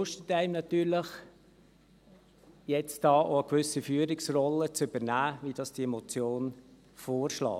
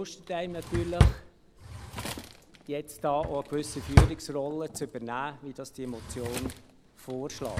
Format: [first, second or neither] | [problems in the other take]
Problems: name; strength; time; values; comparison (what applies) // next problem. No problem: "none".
first | background sound (Drawer open or close); 4 dB above the speech